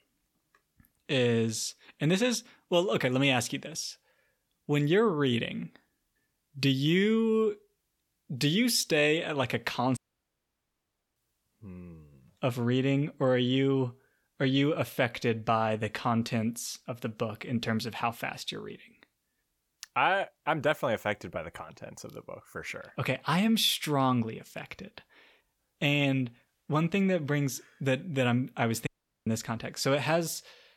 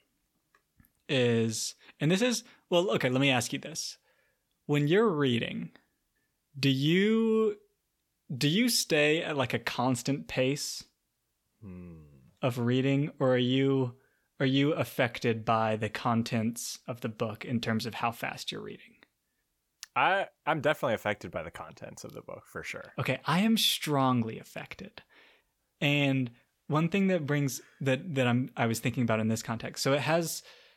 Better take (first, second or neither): second